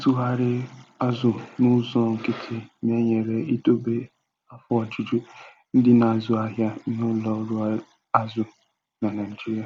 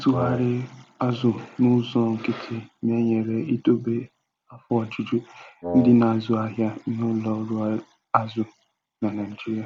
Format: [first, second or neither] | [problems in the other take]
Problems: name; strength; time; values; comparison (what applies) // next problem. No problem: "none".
first | background sound (Wind instrument, woodwind instrument); 7 dB below the speech